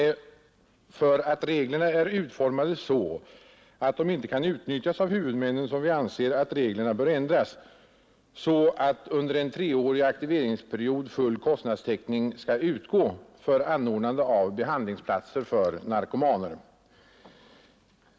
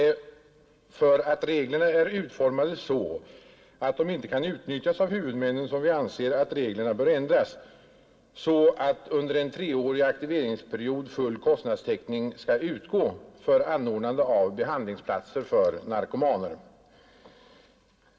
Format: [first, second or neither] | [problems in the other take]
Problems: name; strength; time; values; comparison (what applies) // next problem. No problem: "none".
first | room echo; dies away in 0.3 s